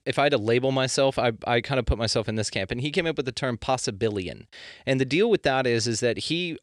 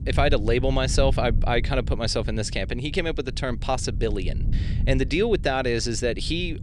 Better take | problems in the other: first | low rumble; noticeable; throughout; 20 dB below the speech

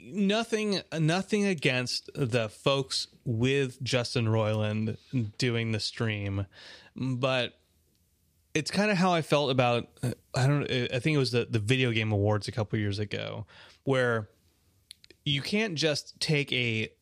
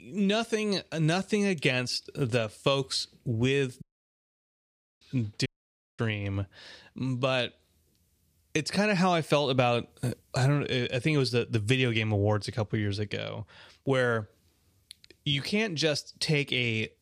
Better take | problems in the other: first | audio cutting out; at 4 s for 1 s and at 5.5 s for 0.5 s

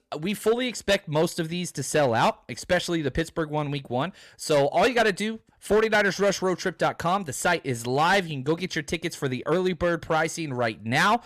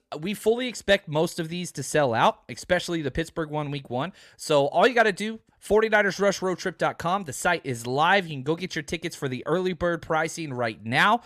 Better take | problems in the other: second | distortion; slight; 5% of the sound clipped

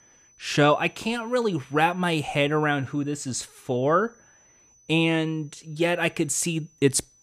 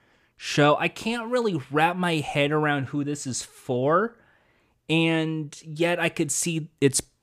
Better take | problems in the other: second | high-pitched whine; faint; throughout; 6 kHz, 30 dB below the speech

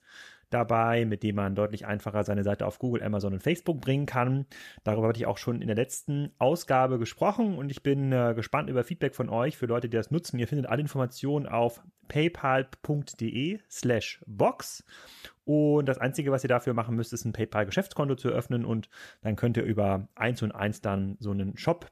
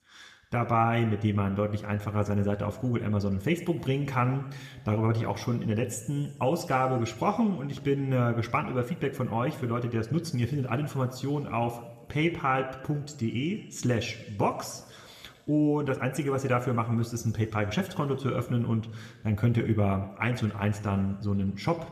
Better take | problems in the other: first | room echo; very slight; dies away in 1.7 s

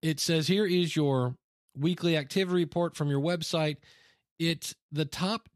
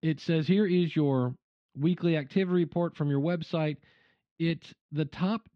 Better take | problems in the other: first | muffled; slightly; fading above 3 kHz

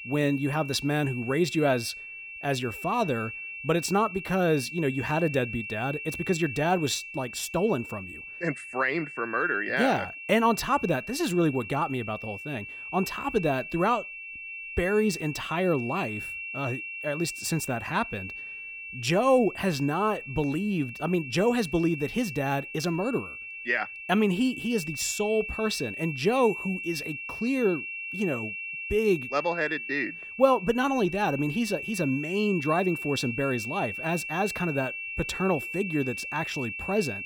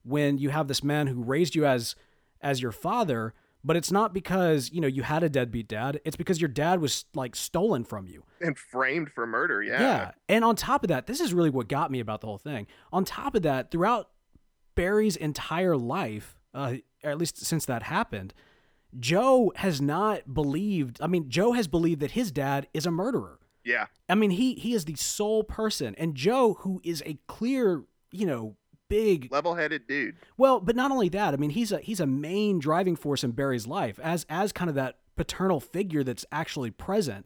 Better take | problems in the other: second | high-pitched whine; loud; throughout; 2.5 kHz, 8 dB below the speech

